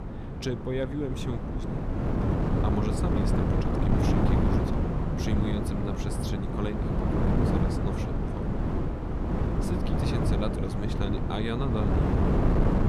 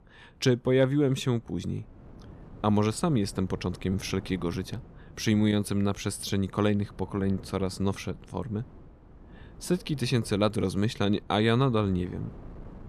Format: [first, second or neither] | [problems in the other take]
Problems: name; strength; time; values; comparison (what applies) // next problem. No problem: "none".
second | wind noise on the microphone; heavy; 4 dB above the speech; occasional gusts in the second